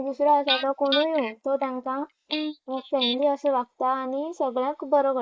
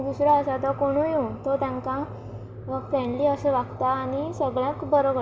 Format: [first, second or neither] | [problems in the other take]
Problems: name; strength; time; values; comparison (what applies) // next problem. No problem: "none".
second | noise reduction (neural mask model Resemble Enhance denoiser)